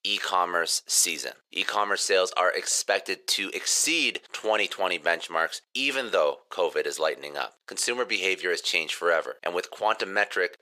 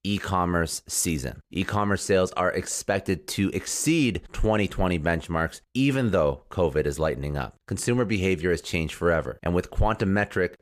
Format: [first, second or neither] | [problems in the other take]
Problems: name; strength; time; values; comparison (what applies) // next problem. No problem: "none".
second | thin; very; fading below 500 Hz